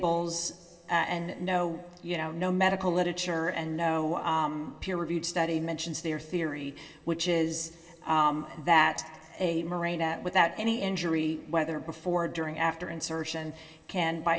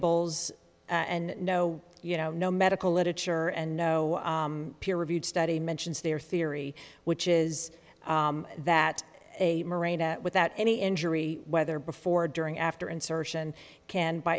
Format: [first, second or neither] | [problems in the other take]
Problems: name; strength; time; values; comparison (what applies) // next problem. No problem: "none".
second | room echo; dies away in 2.4 s